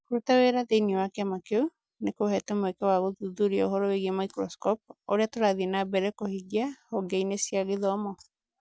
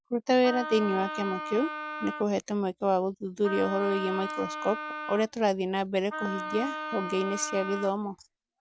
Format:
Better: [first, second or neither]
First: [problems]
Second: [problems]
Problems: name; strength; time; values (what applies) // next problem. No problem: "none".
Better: first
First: none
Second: background sound (Wind instrument, woodwind instrument); 8 dB below the speech